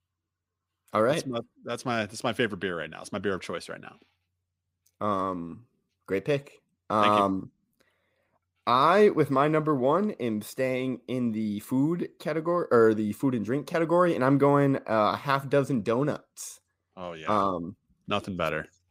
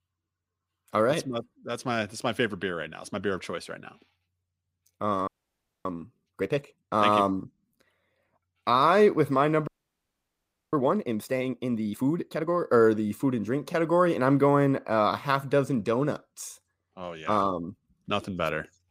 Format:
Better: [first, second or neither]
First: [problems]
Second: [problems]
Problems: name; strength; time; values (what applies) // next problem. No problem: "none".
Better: first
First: none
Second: audio freezing; at 5.5 s for 0.5 s and at 9.5 s for 1 s